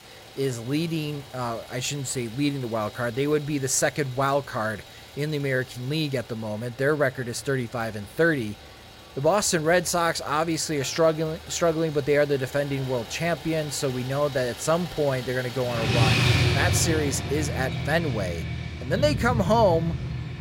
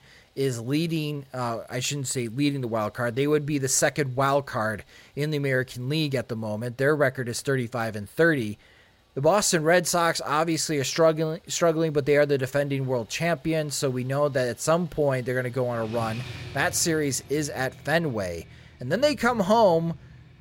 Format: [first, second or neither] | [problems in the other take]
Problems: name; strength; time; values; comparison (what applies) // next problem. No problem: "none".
second | traffic noise; loud; throughout; 3 dB below the speech; faint in the second